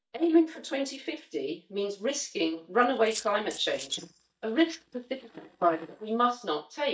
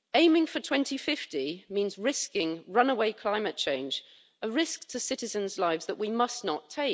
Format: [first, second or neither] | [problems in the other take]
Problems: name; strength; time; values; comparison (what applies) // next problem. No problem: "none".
second | noise reduction (neural mask model DeepFilterNet 3)